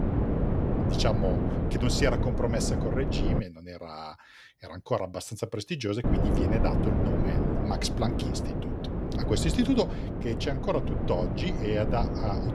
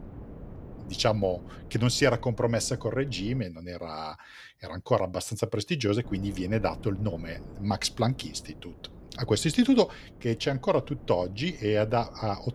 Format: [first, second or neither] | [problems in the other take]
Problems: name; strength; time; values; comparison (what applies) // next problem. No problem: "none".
second | wind noise on the microphone; heavy; until 3.5 s and from 6 s on; 2 dB below the speech; occasional gusts in the second